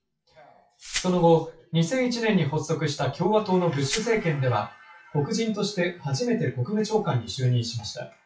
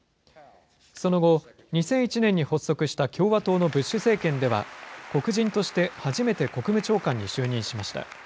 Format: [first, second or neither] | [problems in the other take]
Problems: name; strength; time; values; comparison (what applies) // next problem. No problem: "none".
second | noise reduction (classical method WPE with log-MMSE)